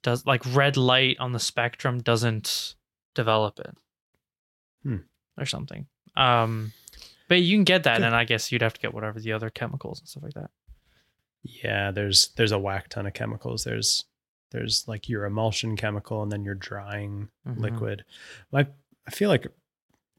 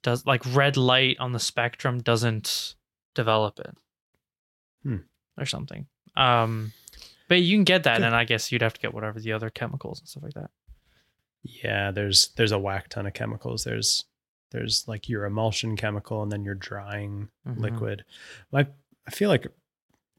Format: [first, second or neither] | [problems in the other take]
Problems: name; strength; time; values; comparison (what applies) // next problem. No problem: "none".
neither | none